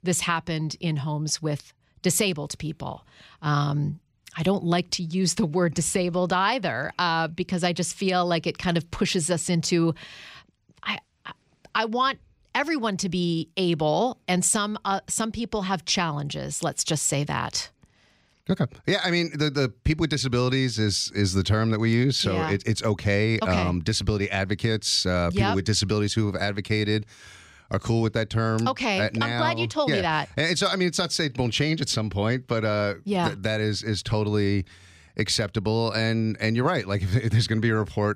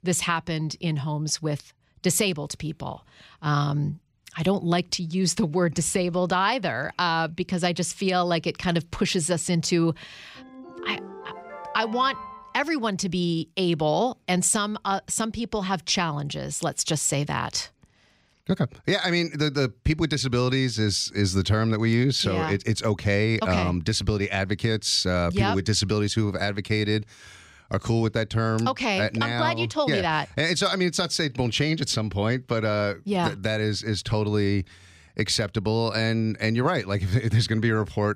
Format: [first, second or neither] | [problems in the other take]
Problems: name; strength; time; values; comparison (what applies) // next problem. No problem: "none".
first | phone ringing; faint; from 10 to 13 s; peak 15 dB below the speech